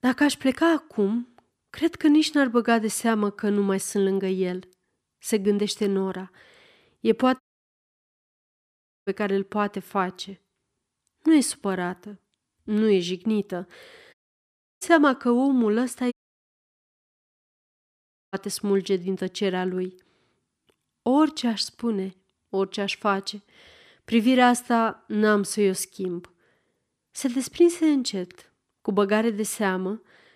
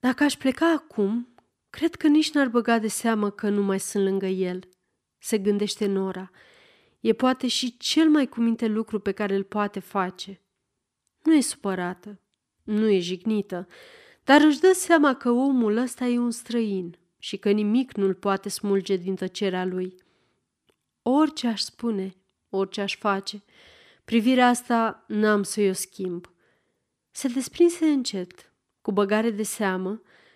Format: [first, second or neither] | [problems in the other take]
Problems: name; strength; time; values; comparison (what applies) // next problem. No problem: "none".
second | audio cutting out; at 7.5 s for 1.5 s, at 14 s for 0.5 s and at 16 s for 2 s